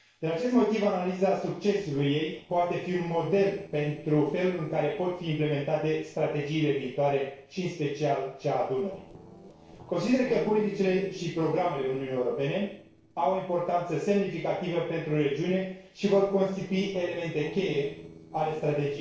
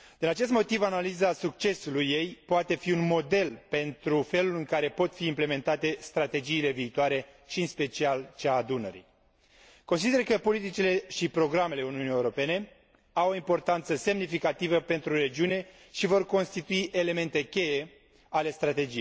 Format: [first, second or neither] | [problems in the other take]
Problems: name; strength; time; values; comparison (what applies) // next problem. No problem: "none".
second | noise reduction (neural separator model SepFormer DNS4)